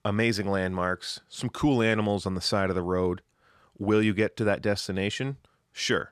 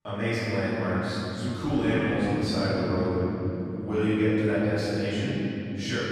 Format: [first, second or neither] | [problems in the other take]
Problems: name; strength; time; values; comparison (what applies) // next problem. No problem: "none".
first | room echo; strong; dies away in 3 s // off-mic speech; far